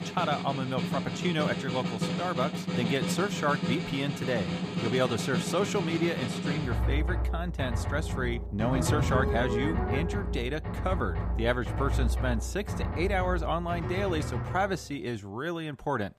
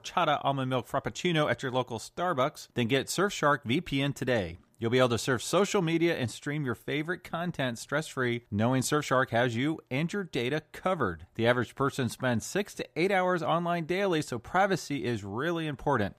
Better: second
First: background music; loud; throughout; as loud as the speech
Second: none

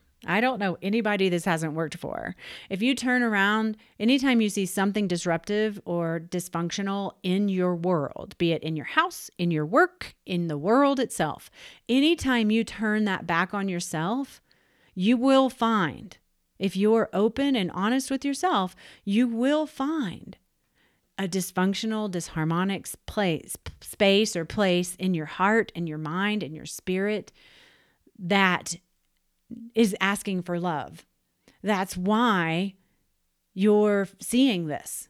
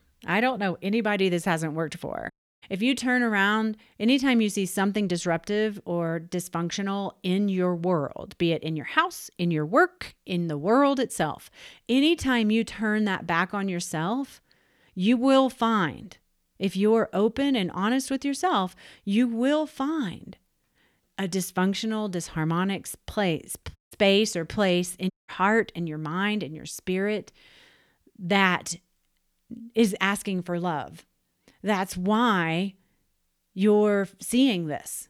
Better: first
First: none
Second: audio cutting out; at 2.5 s, at 24 s and at 25 s

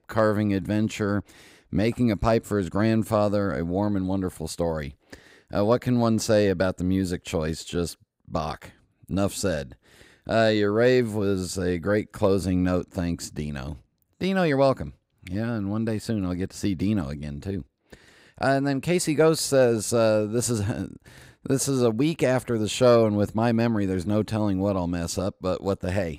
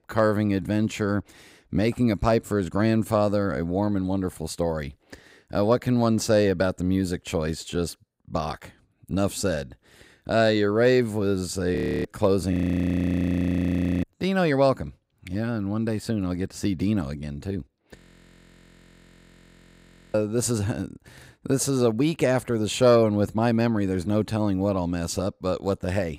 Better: first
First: none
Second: audio freezing; at 12 s, at 13 s for 1.5 s and at 18 s for 2 s

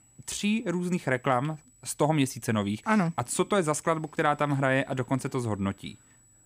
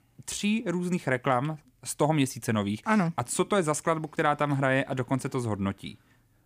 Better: second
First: high-pitched whine; faint; throughout; 8 kHz, 30 dB below the speech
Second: none

